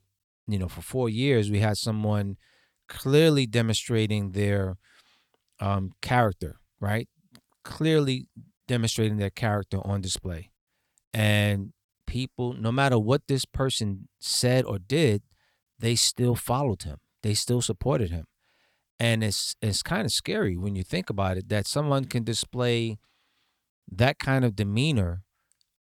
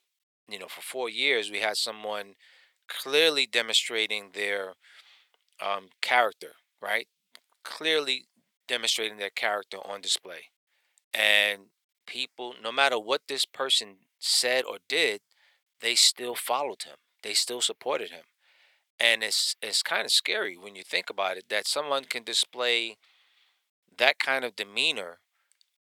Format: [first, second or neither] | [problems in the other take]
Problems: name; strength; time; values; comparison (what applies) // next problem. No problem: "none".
first | thin; very; fading below 500 Hz